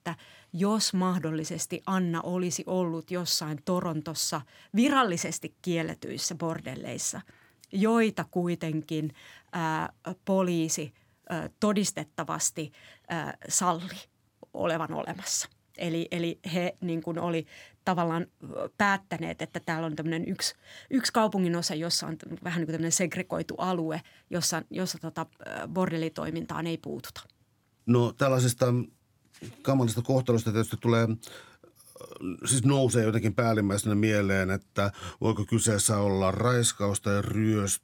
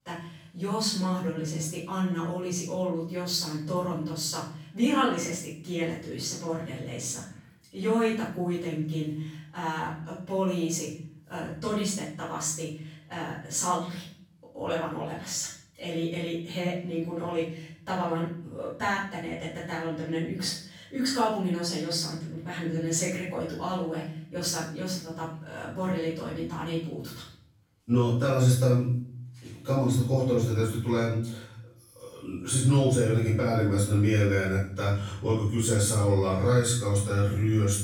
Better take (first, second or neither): first